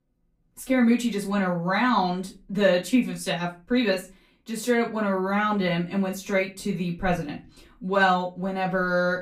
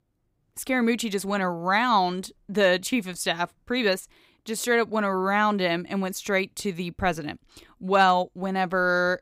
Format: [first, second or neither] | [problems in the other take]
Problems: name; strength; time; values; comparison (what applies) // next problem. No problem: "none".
second | off-mic speech; far // room echo; very slight; dies away in 0.3 s